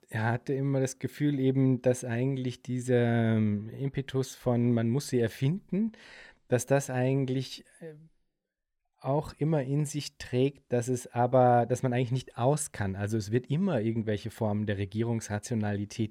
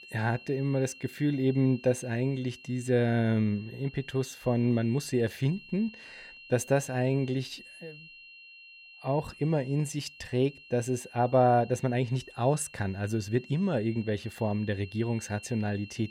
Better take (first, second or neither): first